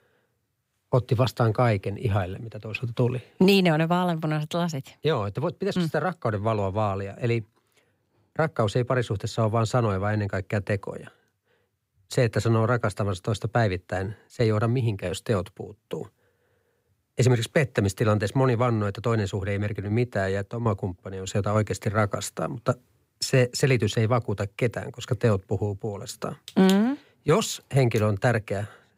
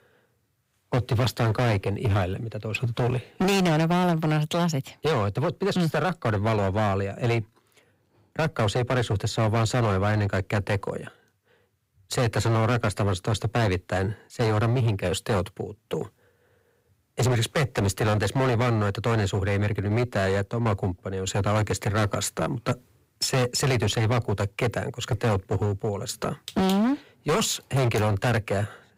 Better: first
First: none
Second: distortion; heavy; 17% of the sound clipped

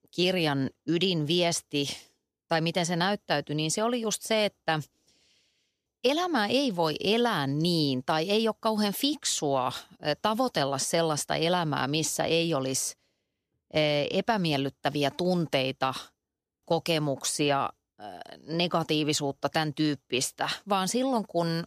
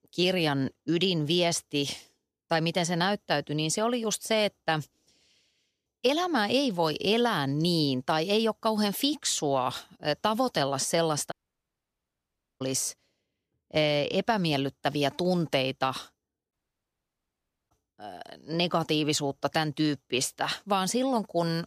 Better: first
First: none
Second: audio cutting out; at 11 s for 1.5 s and at 17 s for 1 s

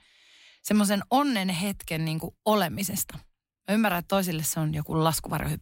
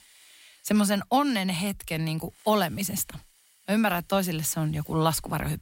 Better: first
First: none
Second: hiss; faint; throughout; 30 dB below the speech

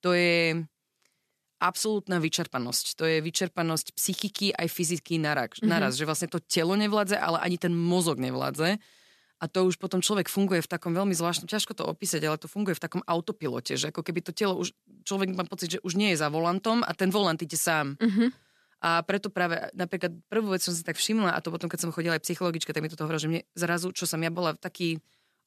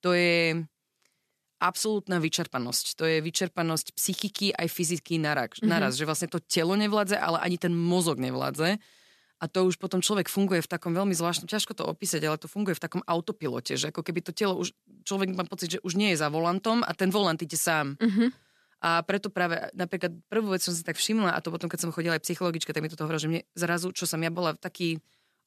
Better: neither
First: none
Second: none

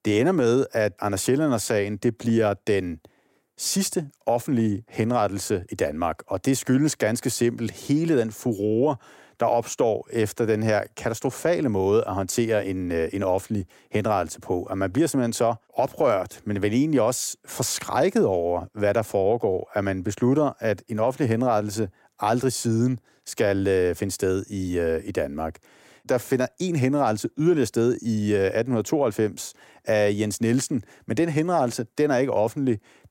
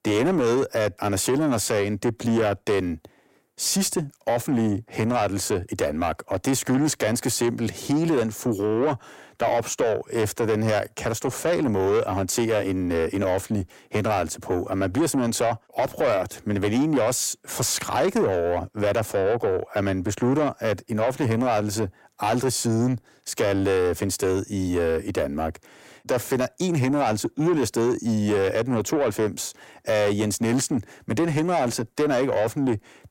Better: first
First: none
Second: distortion; slight; 10 dB below the speech

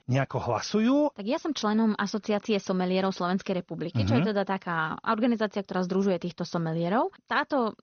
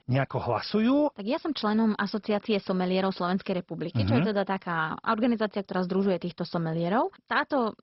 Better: first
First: garbled, watery; slightly; nothing above 6.5 kHz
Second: garbled, watery; badly; nothing above 5.5 kHz

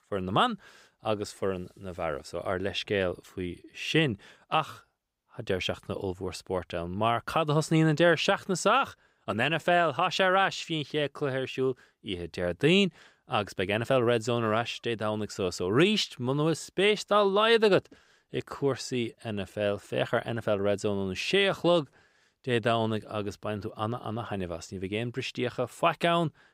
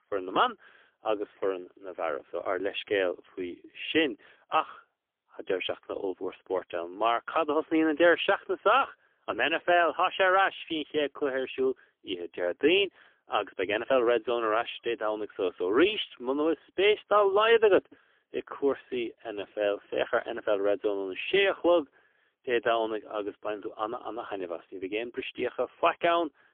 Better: first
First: none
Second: phone-call audio; poor line; nothing above 3.5 kHz

